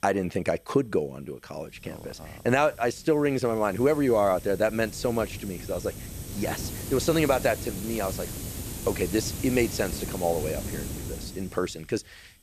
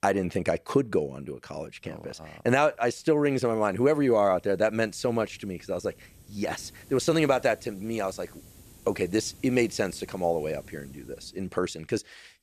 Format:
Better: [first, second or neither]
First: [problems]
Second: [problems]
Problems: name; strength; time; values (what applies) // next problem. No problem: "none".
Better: second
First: hiss; loud; throughout; 9 dB below the speech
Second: hiss; faint; throughout; 25 dB below the speech